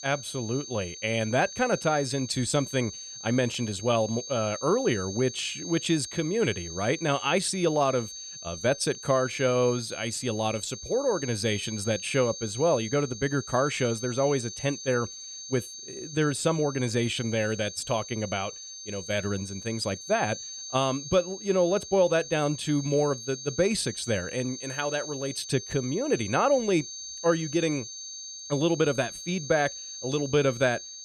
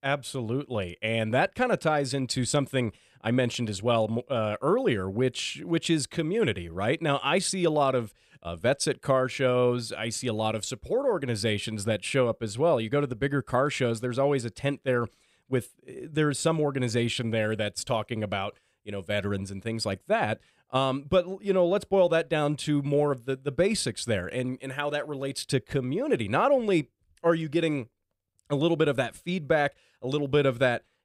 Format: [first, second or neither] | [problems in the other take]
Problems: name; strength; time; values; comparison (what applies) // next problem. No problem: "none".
second | high-pitched whine; noticeable; throughout; 6.5 kHz, 10 dB below the speech